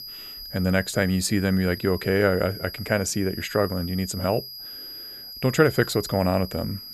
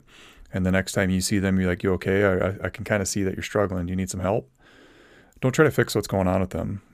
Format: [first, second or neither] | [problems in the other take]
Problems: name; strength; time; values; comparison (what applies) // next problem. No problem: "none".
second | high-pitched whine; noticeable; throughout; 5 kHz, 10 dB below the speech